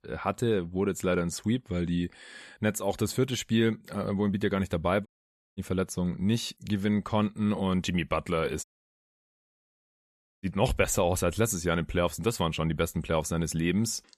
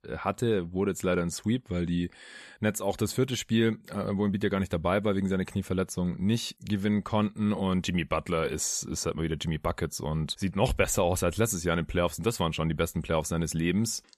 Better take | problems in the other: second | audio cutting out; at 5 s for 0.5 s and at 8.5 s for 2 s

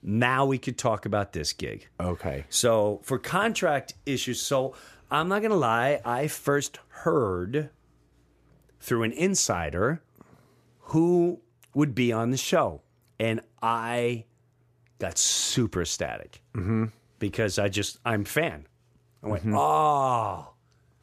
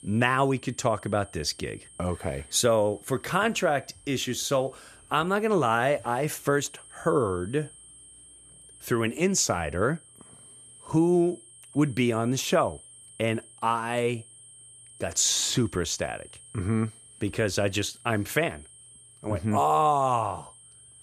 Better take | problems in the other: first | high-pitched whine; faint; throughout; 8.5 kHz, 20 dB below the speech

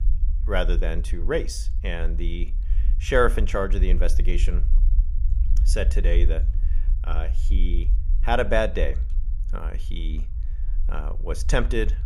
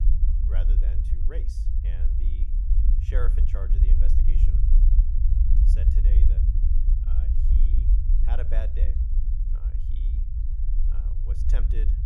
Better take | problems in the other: first | low rumble; loud; throughout; 1 dB below the speech; faint in the first

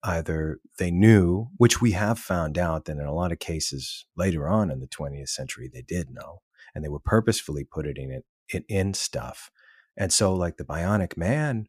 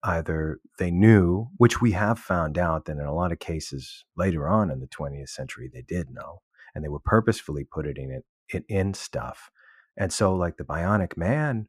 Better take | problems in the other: first | muffled; slightly; fading above 3 kHz

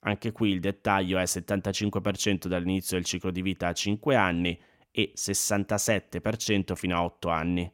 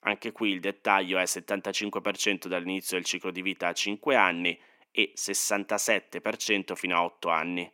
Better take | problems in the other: first | thin; somewhat; fading below 250 Hz

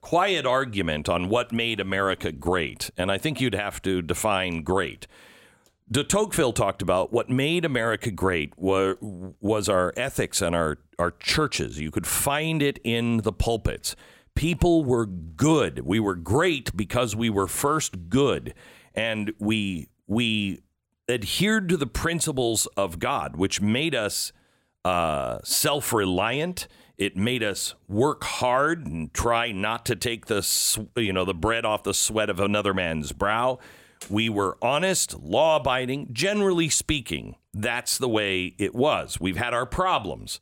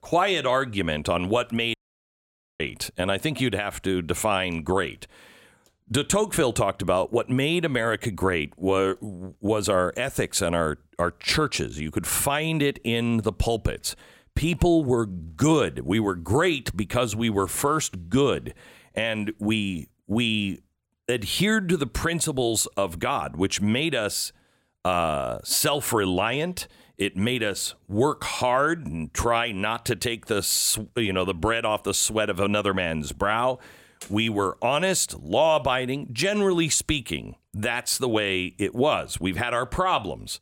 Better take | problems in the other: first | audio cutting out; at 1.5 s for 1 s

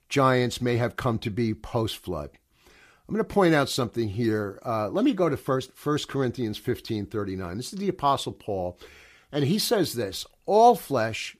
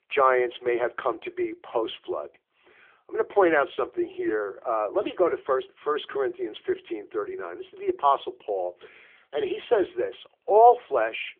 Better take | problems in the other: first | phone-call audio; nothing above 3.5 kHz

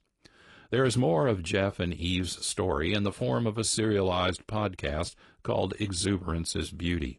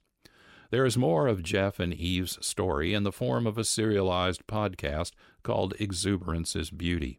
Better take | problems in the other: second | garbled, watery; slightly; nothing above 10 kHz

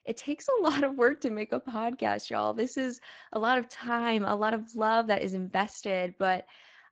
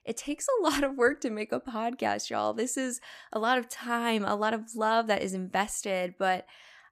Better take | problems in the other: second | garbled, watery; slightly

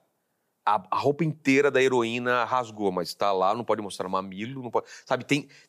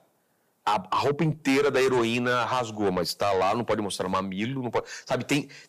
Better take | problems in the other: first | distortion; heavy; 7 dB below the speech

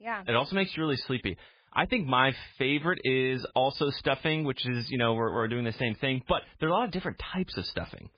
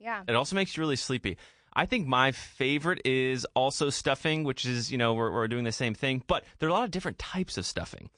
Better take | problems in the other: second | garbled, watery; badly; slightly in the second

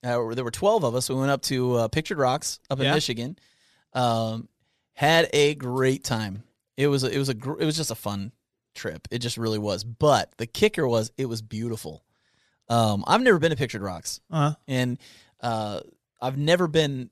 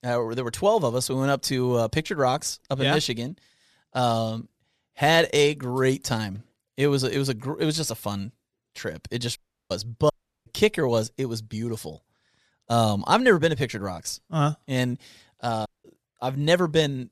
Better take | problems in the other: first | audio cutting out; at 9.5 s, at 10 s and at 16 s

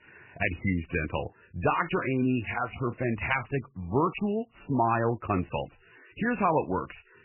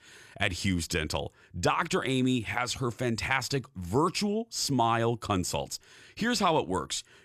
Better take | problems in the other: second | garbled, watery; badly; nothing above 3 kHz

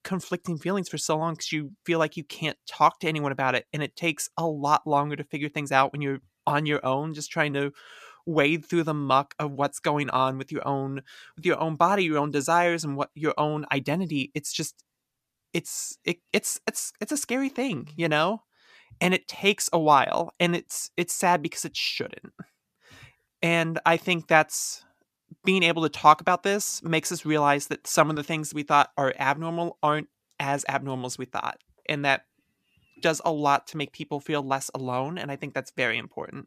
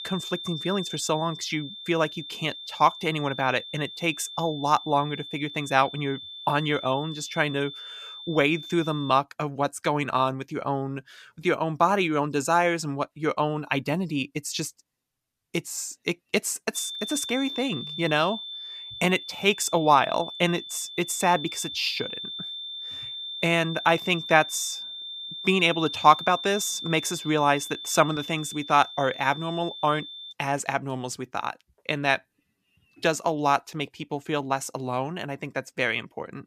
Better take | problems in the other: first | high-pitched whine; loud; until 9 s and from 17 to 30 s; 3.5 kHz, 10 dB below the speech

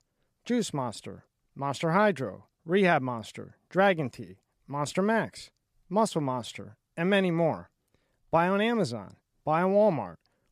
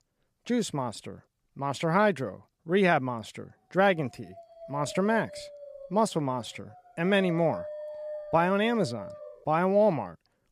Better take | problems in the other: first | dog barking; faint; from 4 to 9.5 s; peak 10 dB below the speech

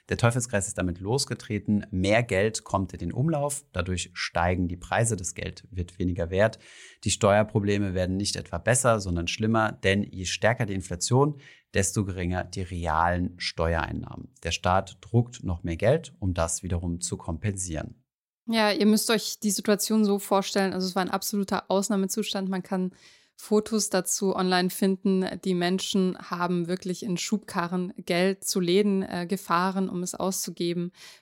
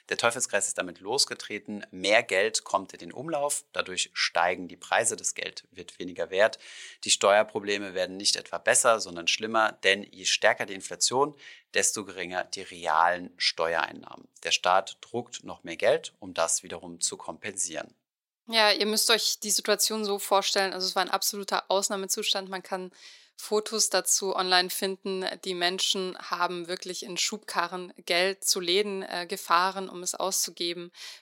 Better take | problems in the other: first | thin; very; fading below 500 Hz

